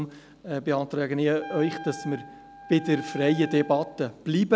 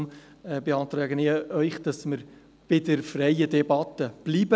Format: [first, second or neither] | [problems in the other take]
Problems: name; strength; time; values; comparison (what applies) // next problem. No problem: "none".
second | background sound (Wind instrument, woodwind instrument); 15 dB below the speech